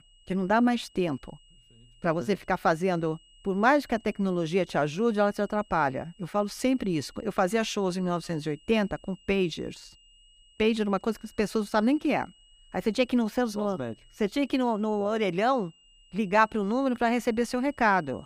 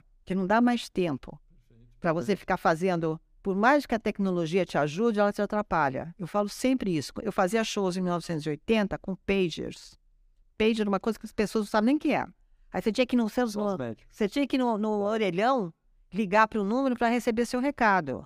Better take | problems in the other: second | high-pitched whine; faint; throughout; 3 kHz, 30 dB below the speech

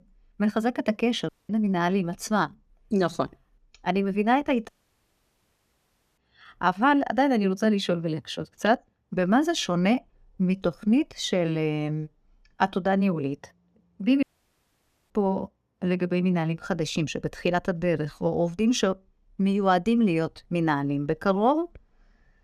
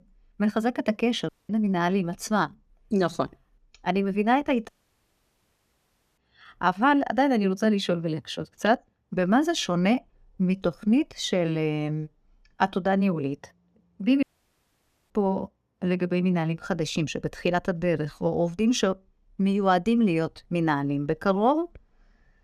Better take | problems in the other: neither | audio cutting out; at 1.5 s, at 4.5 s for 1.5 s and at 14 s for 1 s; the same in both

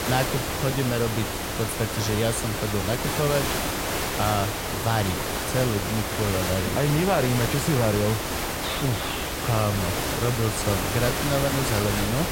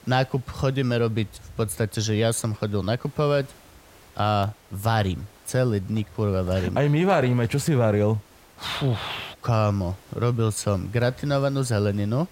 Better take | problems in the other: second | hiss; loud; throughout; 1 dB below the speech; faint in the second

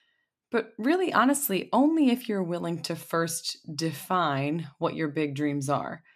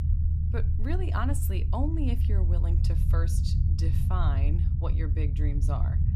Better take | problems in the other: first | low rumble; loud; throughout; 4 dB below the speech

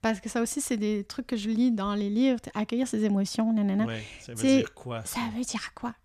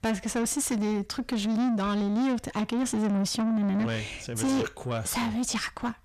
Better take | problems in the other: first | distortion; heavy; 8 dB below the speech

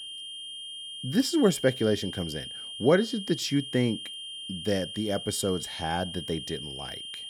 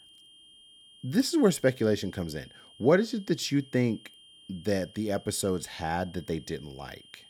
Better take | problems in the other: second | high-pitched whine; loud; throughout; 3 kHz, 9 dB below the speech; faint in the second

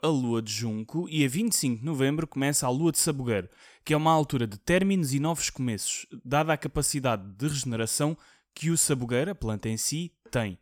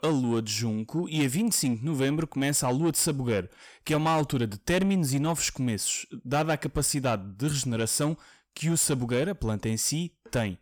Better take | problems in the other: first | distortion; slight; 10 dB below the speech

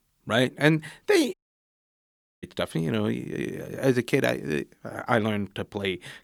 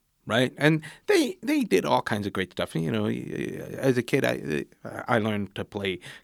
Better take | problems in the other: second | audio cutting out; at 1.5 s for 1 s

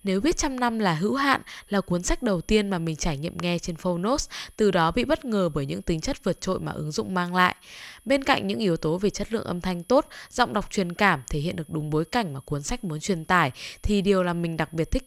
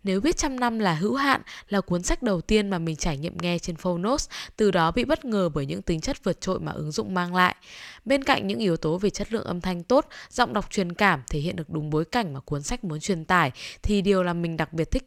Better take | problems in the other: second | high-pitched whine; faint; throughout; 10.5 kHz, 30 dB below the speech

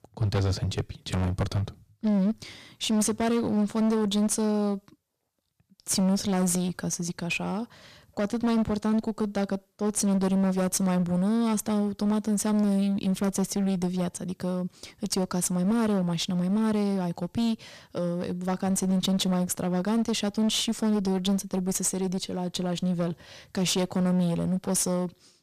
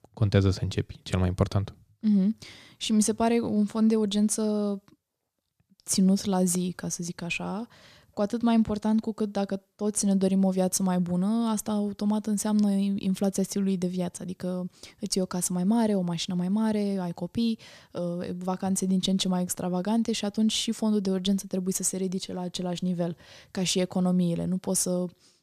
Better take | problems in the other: second | distortion; slight; 17% of the sound clipped

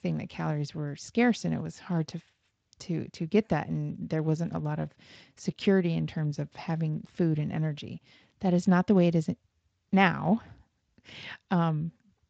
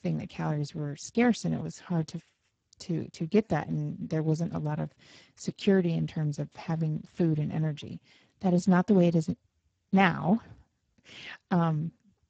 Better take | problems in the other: first | garbled, watery; badly; nothing above 7.5 kHz; slightly in the first

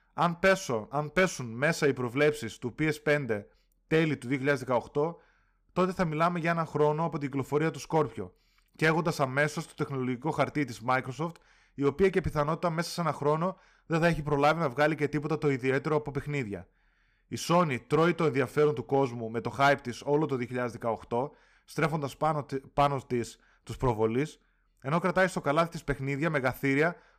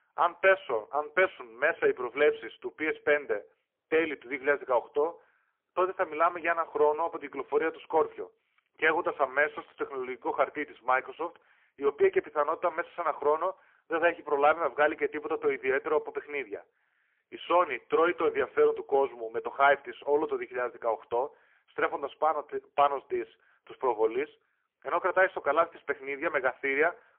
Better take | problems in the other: first | phone-call audio; poor line; nothing above 3.5 kHz

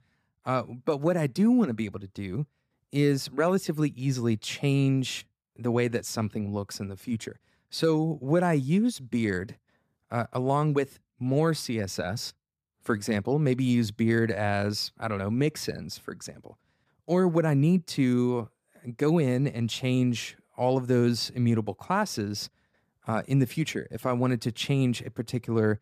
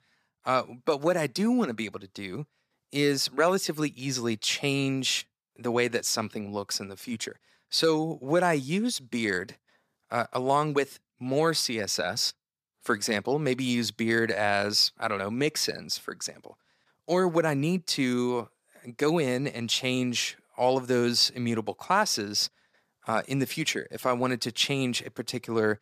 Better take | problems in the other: first | thin; very slightly; fading below 550 Hz

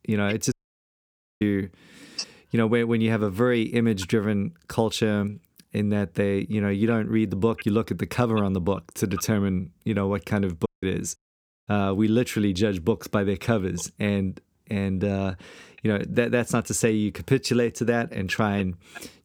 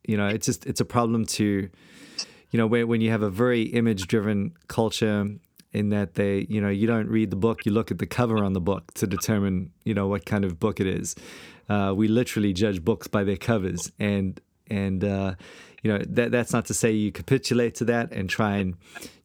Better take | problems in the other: second | audio cutting out; at 0.5 s for 1 s and at 11 s for 0.5 s

